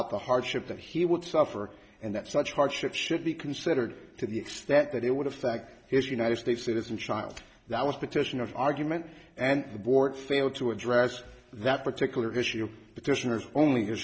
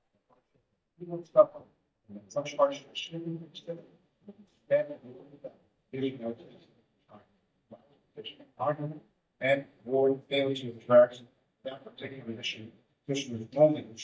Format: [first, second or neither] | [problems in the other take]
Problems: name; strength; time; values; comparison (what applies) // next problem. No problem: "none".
first | noise reduction (neural mask model DeepFilterNet 3)